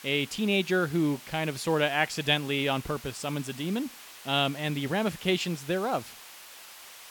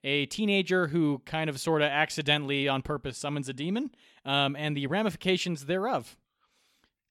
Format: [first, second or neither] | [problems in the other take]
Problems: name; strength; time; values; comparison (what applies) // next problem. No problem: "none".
second | hiss; noticeable; throughout; 15 dB below the speech